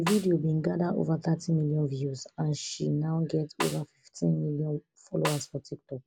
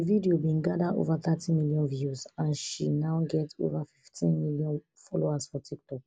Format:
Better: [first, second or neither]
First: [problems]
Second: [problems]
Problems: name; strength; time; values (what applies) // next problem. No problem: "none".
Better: second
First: background sound (Snare drum); 9 dB below the speech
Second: none